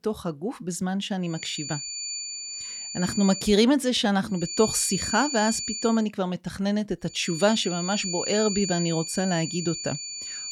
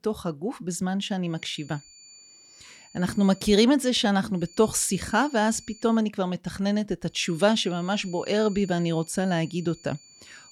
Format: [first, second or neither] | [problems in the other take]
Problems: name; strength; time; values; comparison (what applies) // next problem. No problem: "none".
second | high-pitched whine; loud; from 1.5 to 3.5 s, from 4.5 to 6 s and from 7 s on; 7 kHz, 5 dB below the speech; faint in the second